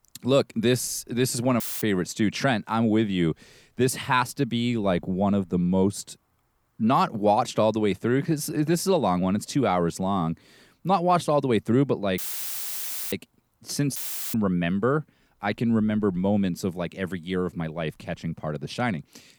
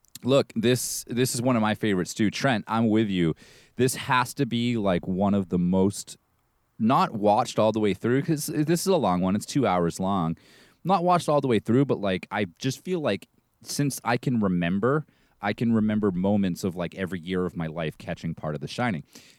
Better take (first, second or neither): second